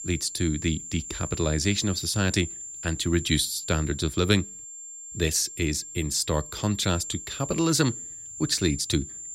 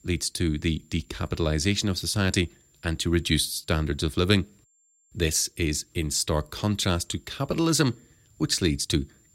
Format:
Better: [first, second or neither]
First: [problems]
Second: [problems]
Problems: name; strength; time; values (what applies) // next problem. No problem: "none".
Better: second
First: high-pitched whine; loud; throughout; 7.5 kHz, 9 dB below the speech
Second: high-pitched whine; faint; throughout; 7.5 kHz, 35 dB below the speech